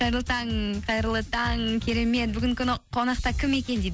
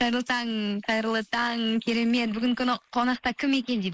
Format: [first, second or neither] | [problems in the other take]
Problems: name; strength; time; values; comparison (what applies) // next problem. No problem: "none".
first | noise reduction (neural mask model Resemble Enhance denoiser)